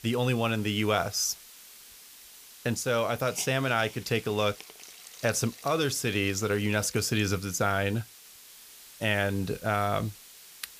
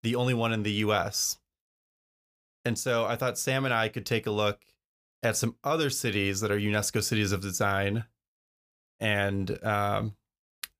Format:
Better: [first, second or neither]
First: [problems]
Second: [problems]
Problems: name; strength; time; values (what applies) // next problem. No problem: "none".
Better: second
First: hiss; noticeable; throughout; 20 dB below the speech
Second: none